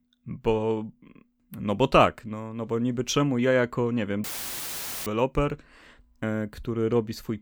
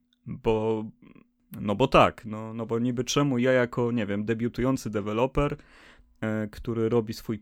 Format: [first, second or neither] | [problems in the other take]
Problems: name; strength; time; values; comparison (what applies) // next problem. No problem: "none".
second | audio cutting out; filled with static; at 4 s for 1 s